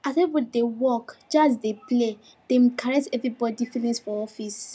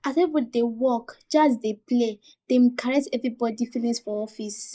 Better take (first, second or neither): first